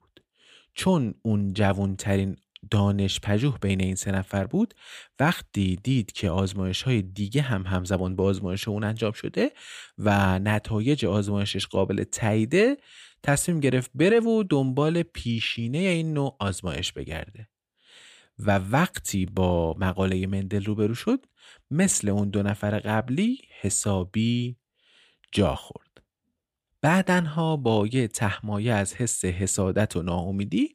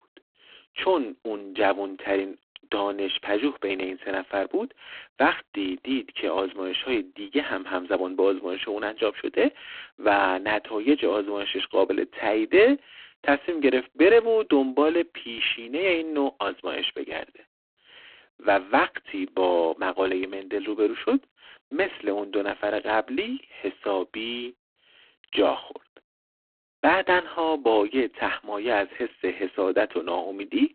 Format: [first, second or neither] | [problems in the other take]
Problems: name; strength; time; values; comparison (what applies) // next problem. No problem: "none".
first | phone-call audio; poor line